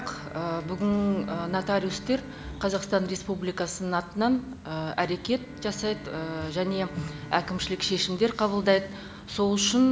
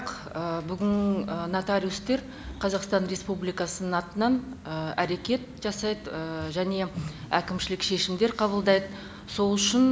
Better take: second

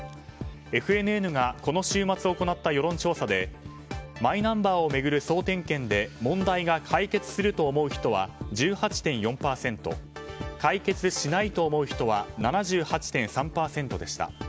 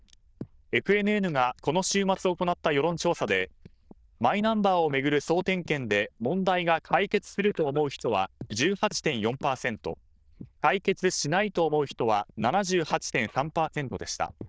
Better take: first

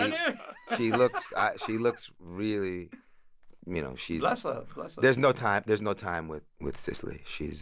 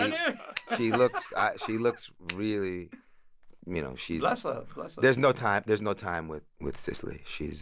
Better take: first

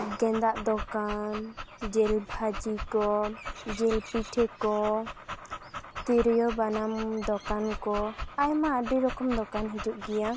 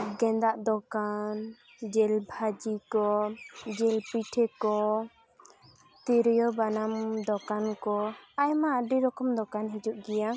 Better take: second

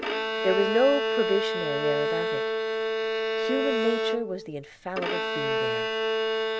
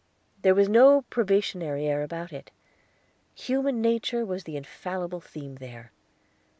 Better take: second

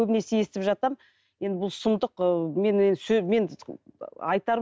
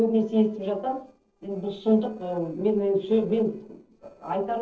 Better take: first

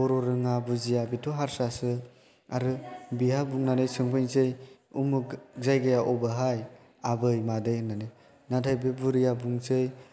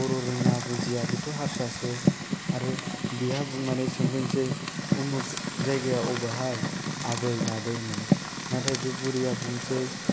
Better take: first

